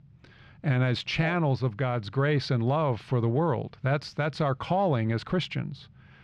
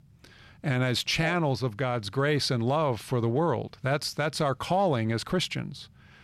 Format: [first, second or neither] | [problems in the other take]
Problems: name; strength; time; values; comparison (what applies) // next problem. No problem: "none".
second | muffled; very slightly; fading above 3.5 kHz